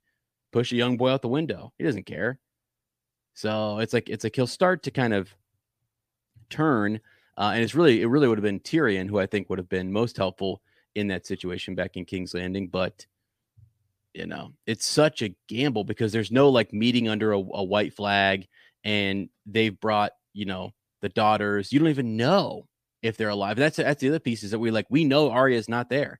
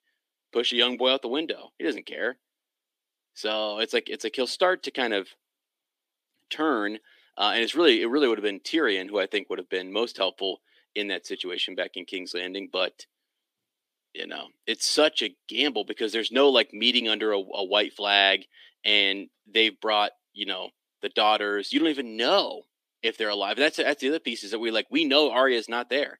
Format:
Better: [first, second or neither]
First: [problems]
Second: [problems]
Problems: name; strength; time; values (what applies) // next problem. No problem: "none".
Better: first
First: none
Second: thin; somewhat; fading below 300 Hz